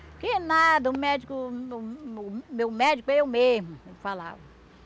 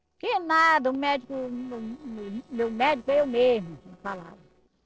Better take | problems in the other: first | noise reduction (neural separator model SepFormer DNS4)

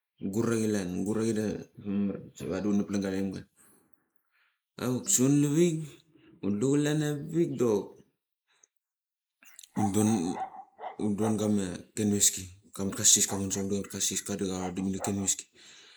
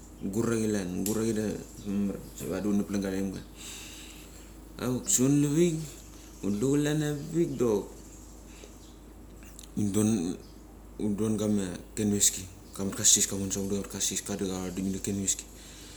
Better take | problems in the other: second | noise reduction (neural mask model Resemble Enhance denoiser)

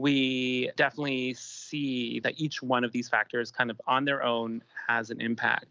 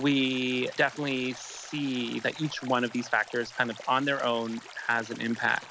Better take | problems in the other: first | background sound (Stream); 17 dB below the speech

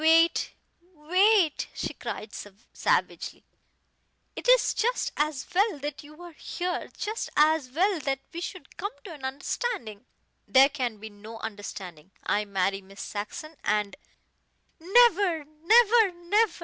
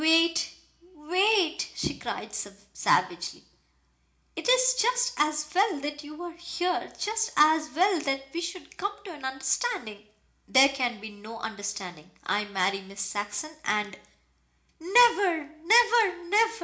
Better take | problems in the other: first | room echo; dies away in 0.4 s

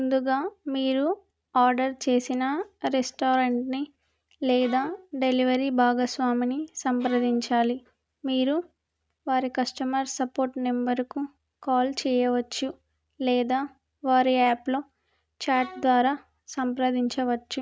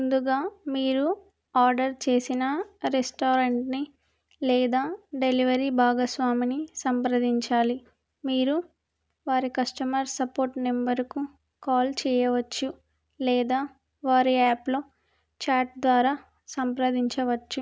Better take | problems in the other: second | noise reduction (neural mask model RNNoise)

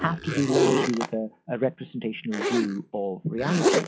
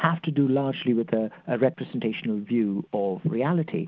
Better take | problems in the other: second | noise reduction (classical method log-MMSE)

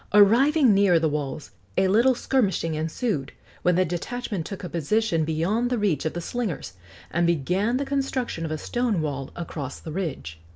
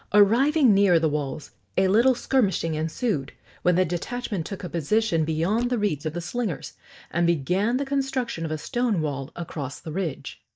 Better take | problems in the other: first | noise reduction (neural mask model DeepFilterNet 3)

